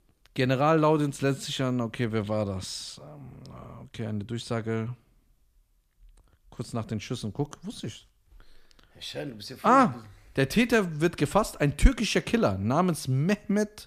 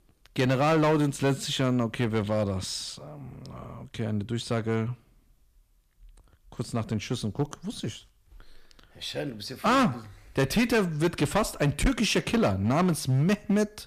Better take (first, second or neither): first